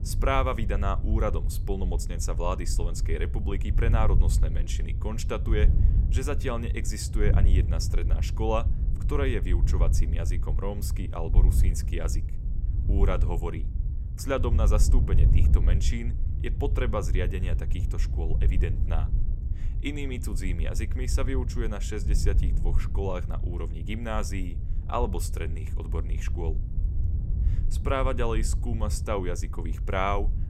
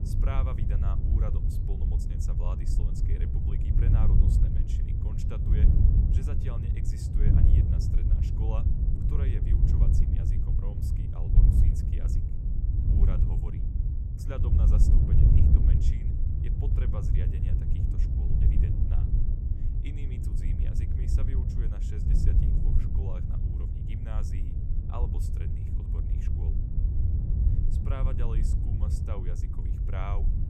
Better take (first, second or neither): first